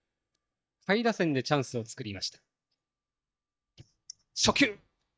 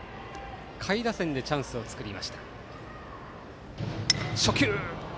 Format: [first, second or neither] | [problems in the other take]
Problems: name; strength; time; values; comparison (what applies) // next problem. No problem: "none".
second | noise reduction (neural mask model DeepFilterNet 3)